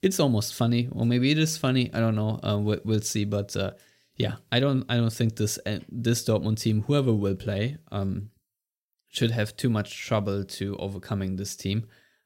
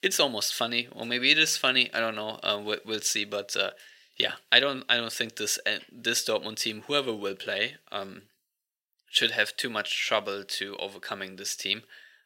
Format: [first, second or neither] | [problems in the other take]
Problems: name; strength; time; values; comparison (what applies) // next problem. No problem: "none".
first | thin; very; fading below 550 Hz